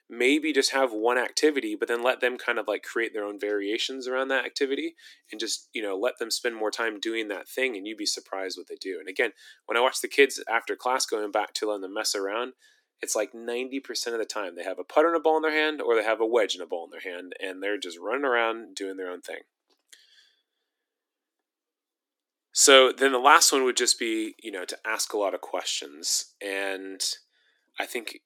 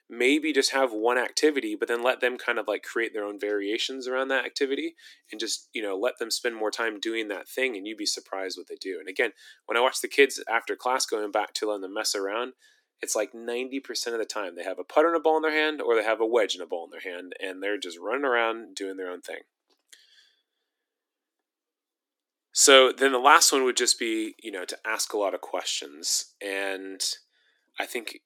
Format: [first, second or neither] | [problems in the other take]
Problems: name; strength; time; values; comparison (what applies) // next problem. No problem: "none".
neither | thin; somewhat; fading below 300 Hz; the same in both